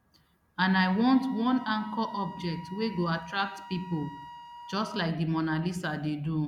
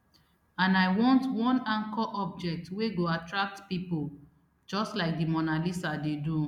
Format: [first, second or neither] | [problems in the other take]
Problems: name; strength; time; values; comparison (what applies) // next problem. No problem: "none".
second | background sound (Wind instrument, woodwind instrument); 17 dB below the speech